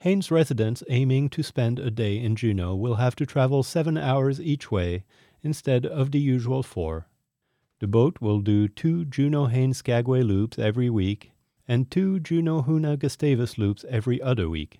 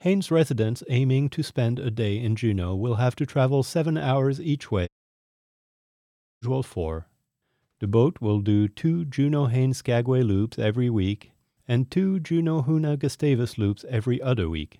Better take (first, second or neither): first